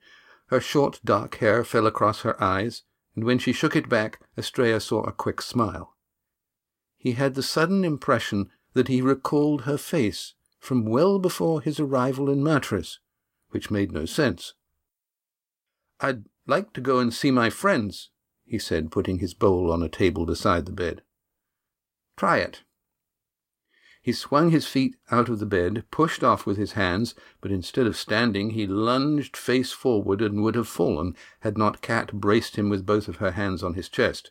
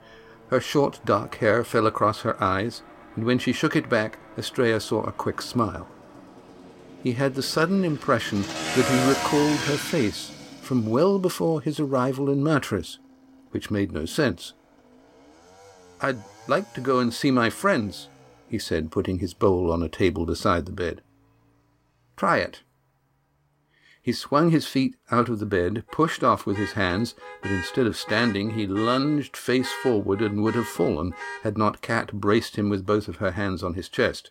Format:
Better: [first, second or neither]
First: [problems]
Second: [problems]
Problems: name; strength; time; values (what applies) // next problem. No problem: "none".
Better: first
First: none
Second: traffic noise; noticeable; throughout; 10 dB below the speech